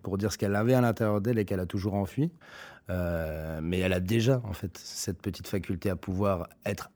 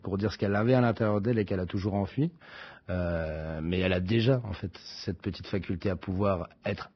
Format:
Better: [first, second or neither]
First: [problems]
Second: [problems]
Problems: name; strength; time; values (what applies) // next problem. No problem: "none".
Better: first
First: none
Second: garbled, watery; badly; nothing above 5.5 kHz